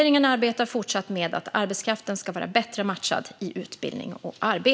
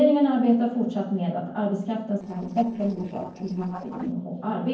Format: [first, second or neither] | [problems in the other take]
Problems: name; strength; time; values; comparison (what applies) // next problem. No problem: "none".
first | noise reduction (neural separator model SepFormer DNS4)